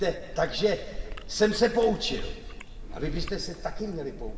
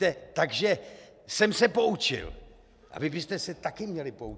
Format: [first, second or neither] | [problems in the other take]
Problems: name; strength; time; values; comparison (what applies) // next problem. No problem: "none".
second | background sound (Chewing, mastication); 7 dB below the speech // room echo; dies away in 1.3 s